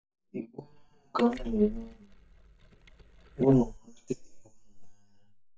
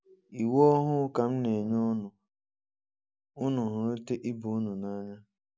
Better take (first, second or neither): second